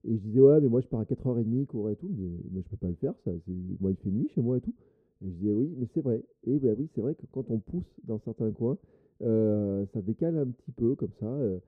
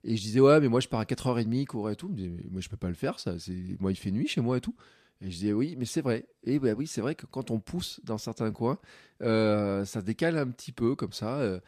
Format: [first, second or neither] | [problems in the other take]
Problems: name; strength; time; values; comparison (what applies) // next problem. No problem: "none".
second | muffled; very; fading above 1 kHz